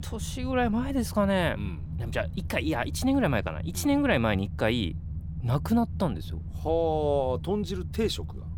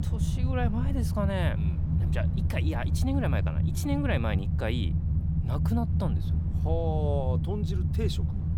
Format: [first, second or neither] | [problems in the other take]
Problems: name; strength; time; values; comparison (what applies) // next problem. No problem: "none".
first | low rumble; loud; throughout; 6 dB below the speech; faint in the first